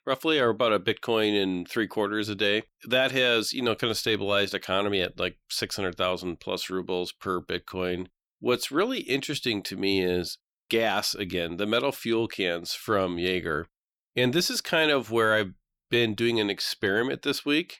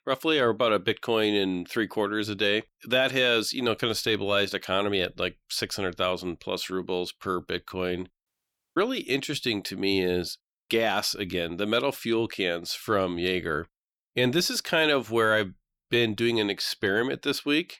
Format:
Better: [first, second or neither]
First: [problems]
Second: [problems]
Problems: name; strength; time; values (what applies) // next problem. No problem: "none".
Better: first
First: none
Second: audio cutting out; at 8.5 s for 0.5 s